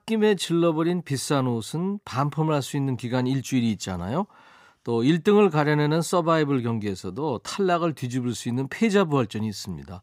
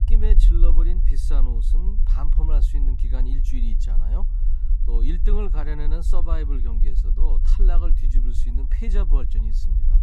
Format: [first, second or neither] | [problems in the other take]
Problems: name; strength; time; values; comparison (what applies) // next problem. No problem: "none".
first | low rumble; loud; throughout; 7 dB below the speech